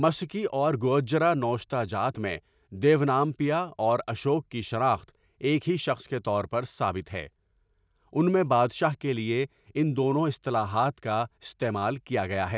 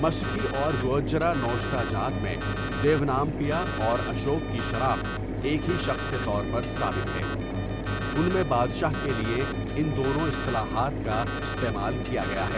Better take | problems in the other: first | background sound (Mechanisms + Alarm); 1 dB below the speech

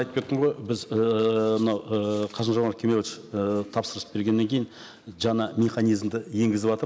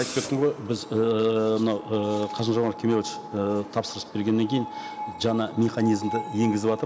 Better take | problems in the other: first | background sound (Screech); 12 dB below the speech

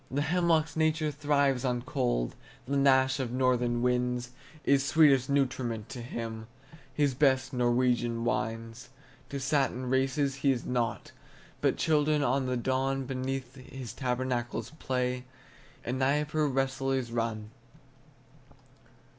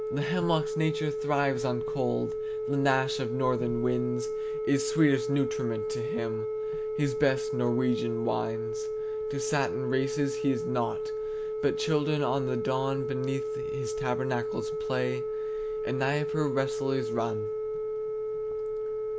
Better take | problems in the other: first | background sound (Telephone); 1 dB below the speech

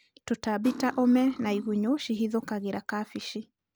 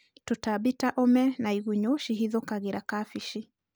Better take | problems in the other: second | background sound (Cutlery, silverware); 14 dB below the speech

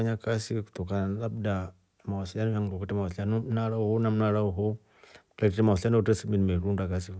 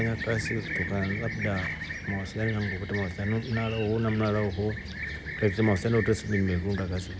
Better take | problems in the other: first | background sound (Fixed-wing aircraft, airplane); 7 dB below the speech

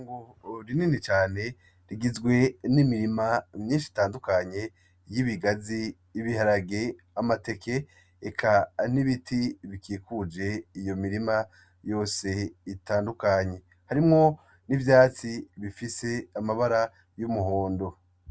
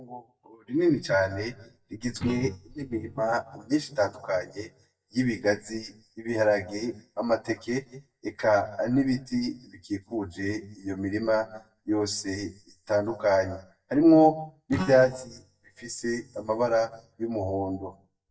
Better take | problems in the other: first | noise reduction (neural mask model DeepFilterNet 3)

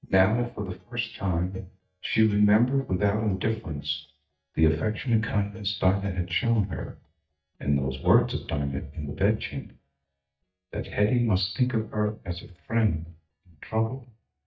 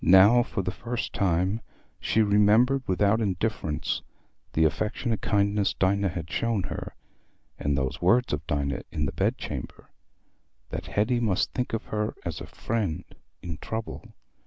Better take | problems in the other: second | noise reduction (neural mask model DeepFilterNet 3)

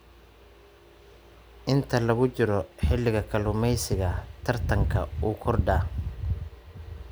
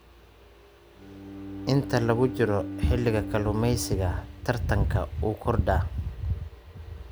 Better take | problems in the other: first | background sound (Bowed string instrument); 12 dB below the speech

